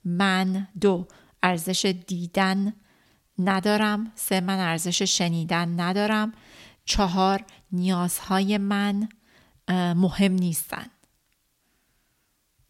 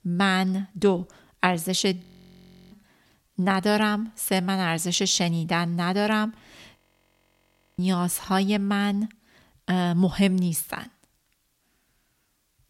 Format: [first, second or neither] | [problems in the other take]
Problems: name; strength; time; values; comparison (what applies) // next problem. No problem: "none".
first | audio freezing; at 2 s for 0.5 s and at 7 s for 1 s